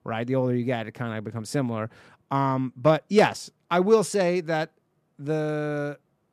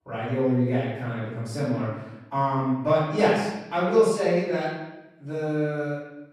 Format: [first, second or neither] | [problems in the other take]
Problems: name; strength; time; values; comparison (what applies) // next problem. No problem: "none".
first | off-mic speech; far // room echo; strong; dies away in 0.9 s